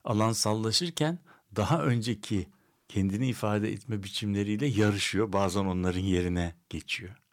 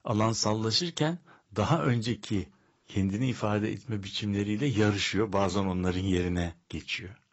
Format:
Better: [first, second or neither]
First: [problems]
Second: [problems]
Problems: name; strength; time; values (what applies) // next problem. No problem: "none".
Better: first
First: none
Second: garbled, watery; badly; nothing above 7.5 kHz